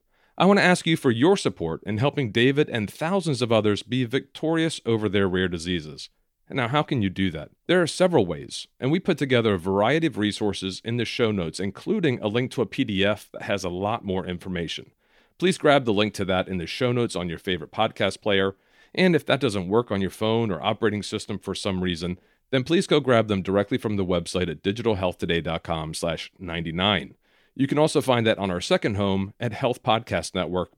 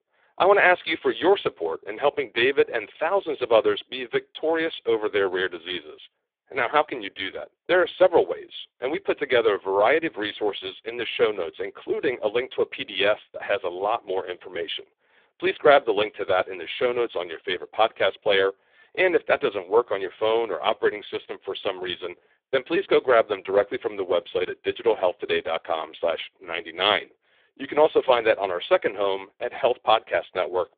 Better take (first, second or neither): first